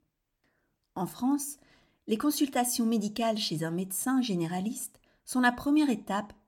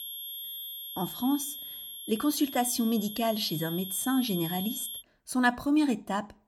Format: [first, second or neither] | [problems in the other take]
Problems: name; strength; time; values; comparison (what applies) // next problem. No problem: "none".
first | high-pitched whine; loud; until 5 s; 11.5 kHz, 8 dB below the speech